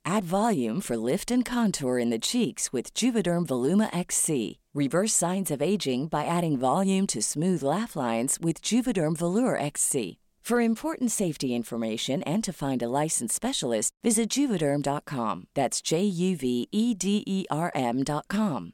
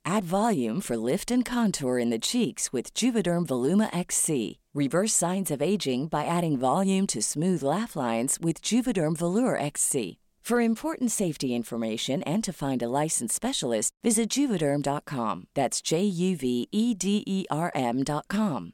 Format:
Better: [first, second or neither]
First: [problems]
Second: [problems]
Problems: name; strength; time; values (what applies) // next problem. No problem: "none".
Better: neither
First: none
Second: none